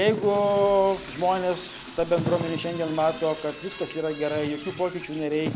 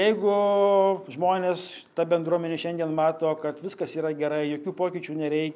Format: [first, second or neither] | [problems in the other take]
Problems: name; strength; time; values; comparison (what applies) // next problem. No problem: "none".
second | background sound (Wind / Fire + Toilet flush / Door); 11 dB below the speech